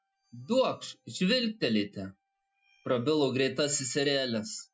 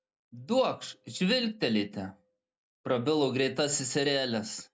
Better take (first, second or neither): second